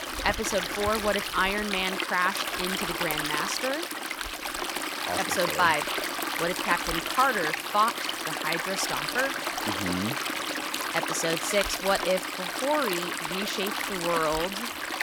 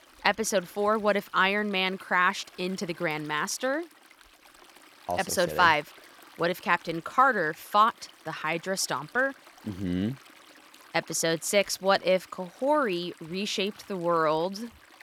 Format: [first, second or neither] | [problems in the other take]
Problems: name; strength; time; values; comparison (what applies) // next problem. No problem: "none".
second | rain or running water; loud; throughout; 1 dB below the speech; faint in the second